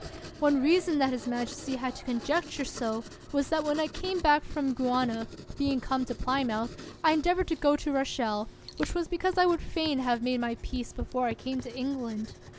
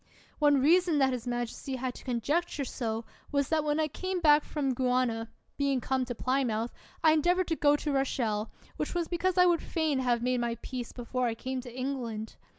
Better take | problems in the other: second | background sound (Writing); 15 dB below the speech

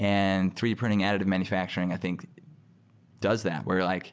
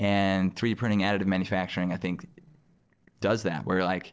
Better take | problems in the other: first | noise reduction (neural separator model SepFormer DNS4)

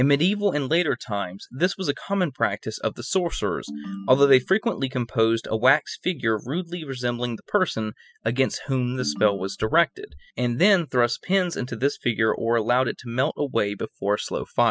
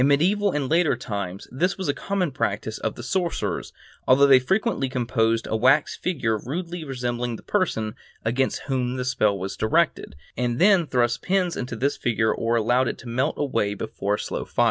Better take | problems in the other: second | noise reduction (classical method spectral subtraction)

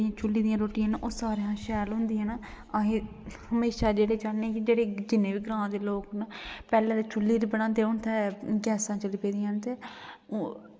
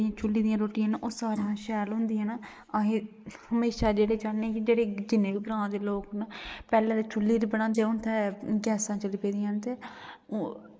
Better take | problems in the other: first | noise reduction (neural mask model Resemble Enhance denoiser)

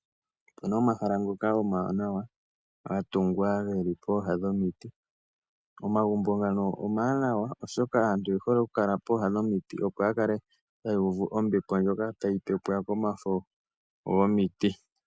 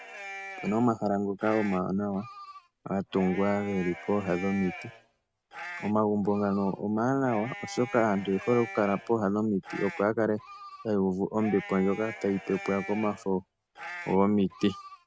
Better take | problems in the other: first | background sound (Livestock, farm animals, working animals); 15 dB below the speech

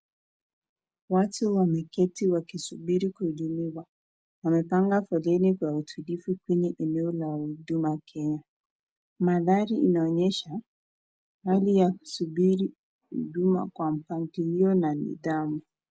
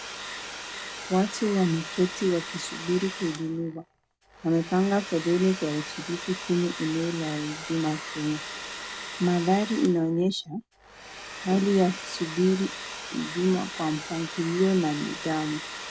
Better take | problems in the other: first | background sound (Domestic sounds, home sounds); 11 dB below the speech

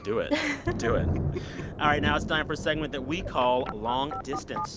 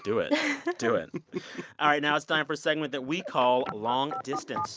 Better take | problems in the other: second | background sound (Thunder); 5 dB below the speech

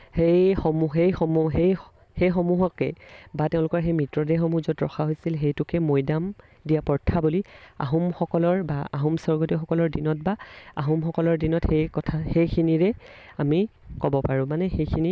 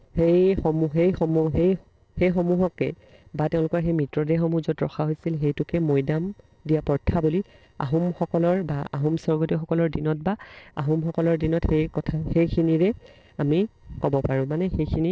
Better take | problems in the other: first | noise reduction (neural separator model SepFormer DNS4)

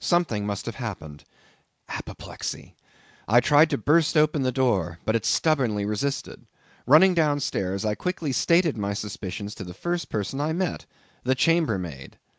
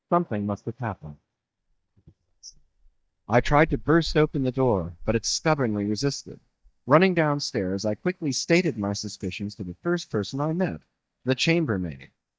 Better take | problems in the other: first | noise reduction (neural mask model DeepFilterNet 3)

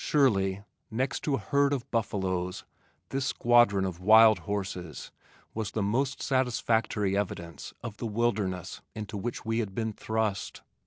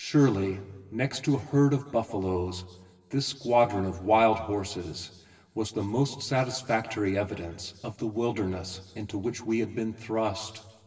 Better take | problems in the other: first | room echo; dies away in 1.3 s

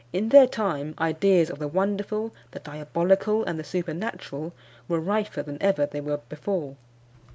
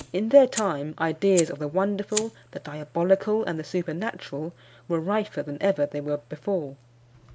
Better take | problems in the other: first | background sound (Fire); 16 dB below the speech

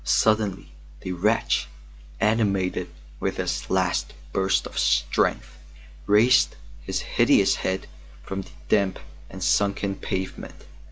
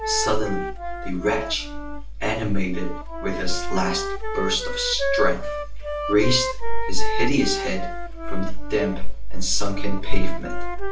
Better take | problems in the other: first | background sound (Wind instrument, woodwind instrument); 12 dB below the speech // room echo; dies away in 0.3 s

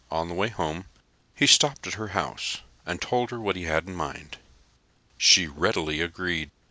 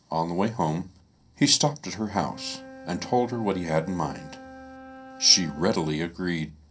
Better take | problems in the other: first | background sound (Wind instrument, woodwind instrument); 19 dB below the speech // room echo; dies away in 0.3 s

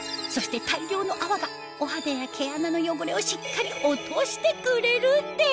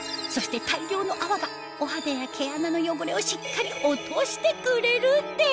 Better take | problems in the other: first | background sound (Trumpet); 20 dB below the speech

